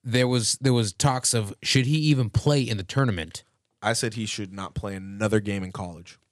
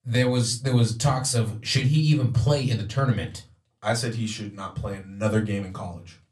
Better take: first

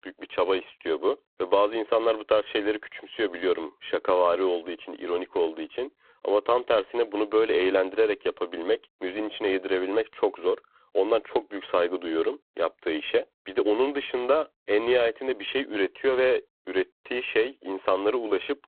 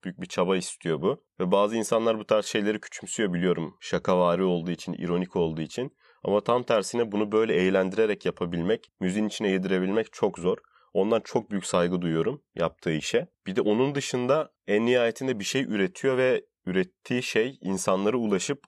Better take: second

